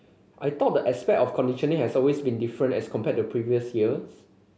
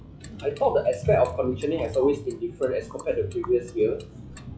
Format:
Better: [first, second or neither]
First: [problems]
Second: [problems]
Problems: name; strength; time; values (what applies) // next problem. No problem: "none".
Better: first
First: none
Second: noise reduction (classical method log-MMSE)